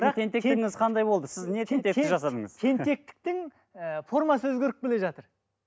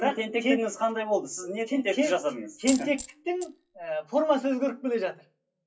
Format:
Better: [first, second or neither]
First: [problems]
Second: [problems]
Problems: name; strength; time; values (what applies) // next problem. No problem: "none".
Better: first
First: none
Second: noise reduction (classical method WPE with log-MMSE)